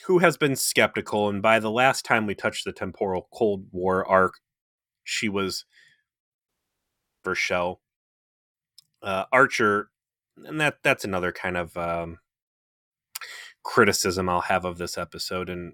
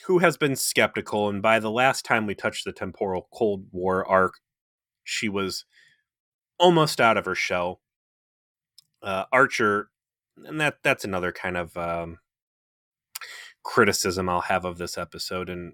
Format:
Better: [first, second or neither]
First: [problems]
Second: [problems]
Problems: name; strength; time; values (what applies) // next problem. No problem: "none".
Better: second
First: audio cutting out; at 6.5 s for 1 s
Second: none